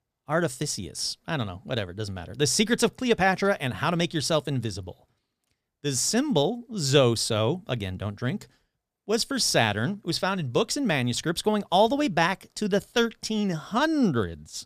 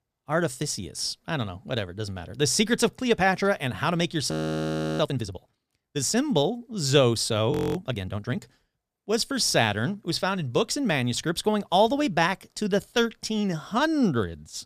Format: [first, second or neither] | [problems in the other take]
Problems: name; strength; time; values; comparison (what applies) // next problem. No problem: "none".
first | audio freezing; at 4.5 s for 0.5 s and at 7.5 s